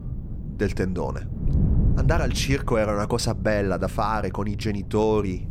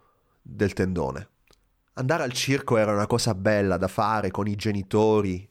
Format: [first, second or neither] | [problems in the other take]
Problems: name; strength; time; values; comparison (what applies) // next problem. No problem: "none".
second | wind noise on the microphone; occasional gusts; 15 dB below the speech